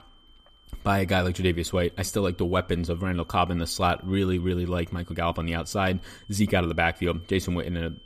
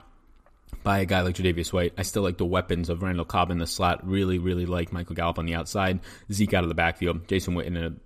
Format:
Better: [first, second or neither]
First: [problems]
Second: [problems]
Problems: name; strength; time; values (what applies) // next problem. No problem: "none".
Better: second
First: high-pitched whine; faint; throughout; 3 kHz, 30 dB below the speech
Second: none